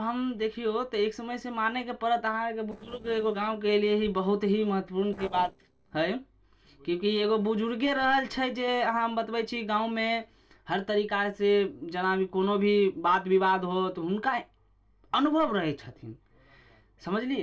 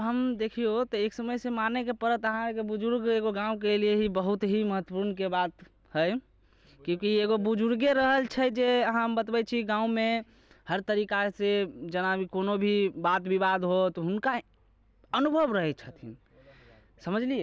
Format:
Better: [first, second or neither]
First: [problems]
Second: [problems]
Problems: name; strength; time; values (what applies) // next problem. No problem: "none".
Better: second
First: noise reduction (neural separator model SepFormer DNS4)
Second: none